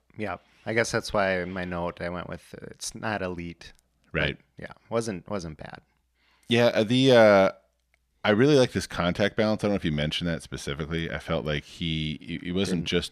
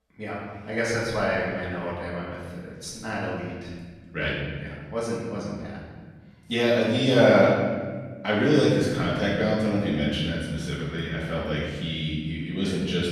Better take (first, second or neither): first